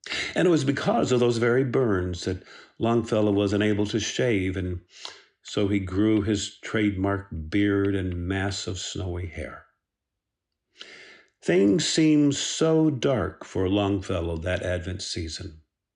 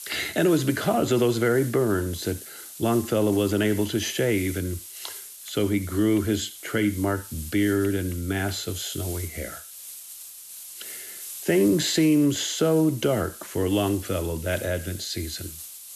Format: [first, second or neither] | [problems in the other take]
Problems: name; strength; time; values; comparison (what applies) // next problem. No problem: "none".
first | hiss; noticeable; throughout; 15 dB below the speech